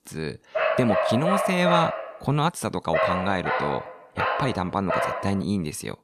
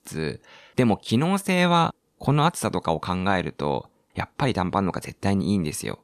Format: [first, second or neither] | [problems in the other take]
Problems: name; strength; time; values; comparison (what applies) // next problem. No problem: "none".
second | dog barking; loud; from 0.5 to 5.5 s; peak 3 dB above the speech